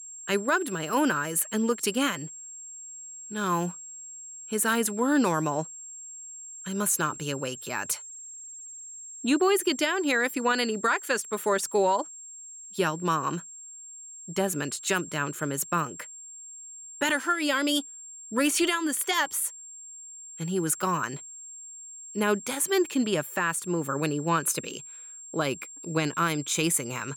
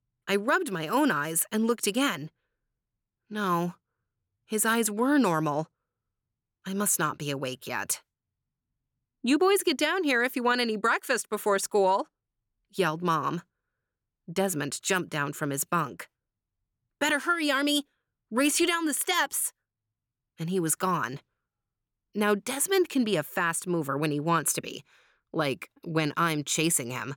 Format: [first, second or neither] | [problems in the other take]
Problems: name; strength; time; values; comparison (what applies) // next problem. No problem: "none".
second | high-pitched whine; noticeable; throughout; 7.5 kHz, 15 dB below the speech